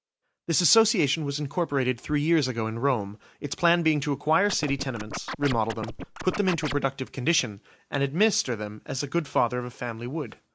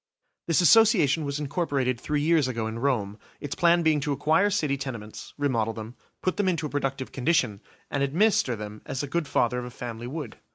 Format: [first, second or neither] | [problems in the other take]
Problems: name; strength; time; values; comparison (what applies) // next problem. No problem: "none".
second | background sound (Scratching (performance technique)); 8 dB below the speech